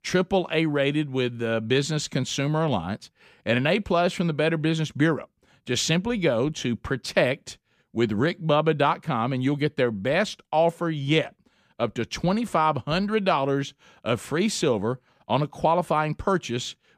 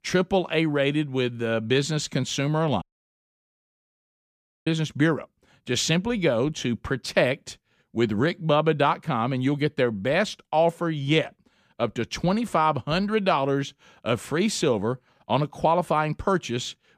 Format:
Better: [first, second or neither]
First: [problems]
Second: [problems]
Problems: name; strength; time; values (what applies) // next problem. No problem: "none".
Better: first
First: none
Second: audio cutting out; at 3 s for 2 s